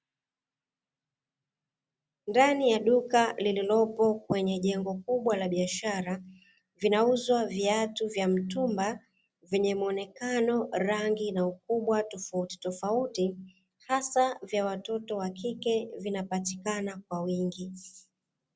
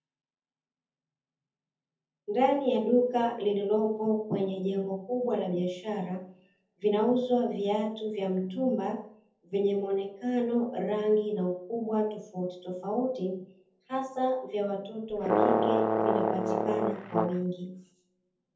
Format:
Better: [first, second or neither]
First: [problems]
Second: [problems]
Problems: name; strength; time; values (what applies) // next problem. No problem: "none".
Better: first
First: none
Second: background sound (Brass instrument); 2 dB above the speech // room echo; dies away in 0.5 s